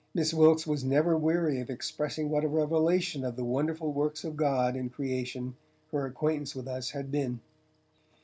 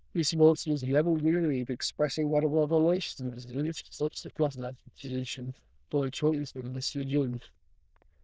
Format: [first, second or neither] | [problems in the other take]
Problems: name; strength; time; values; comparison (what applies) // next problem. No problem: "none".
first | noise reduction (neural diffusion model UNIVERSE++)